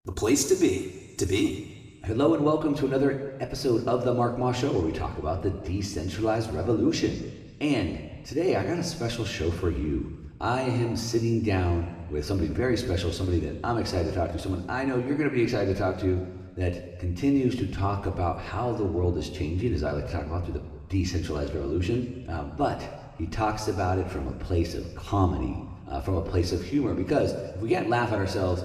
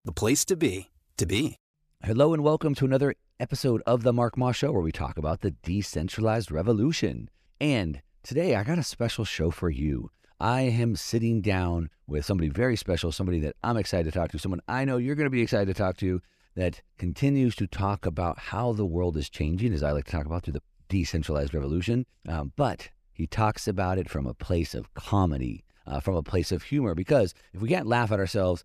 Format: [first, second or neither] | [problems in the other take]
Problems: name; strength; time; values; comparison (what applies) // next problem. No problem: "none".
second | room echo; slight; dies away in 1.3 s // off-mic speech; somewhat distant